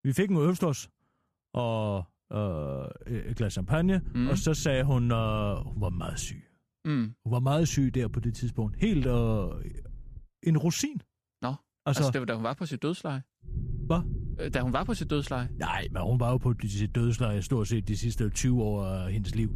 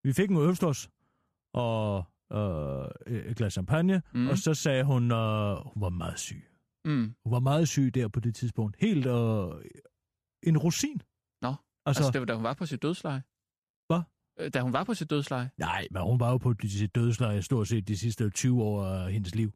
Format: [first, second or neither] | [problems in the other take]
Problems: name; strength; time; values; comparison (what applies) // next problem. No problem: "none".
second | low rumble; faint; from 3 to 6.5 s, from 7.5 to 10 s and from 13 s on; 20 dB below the speech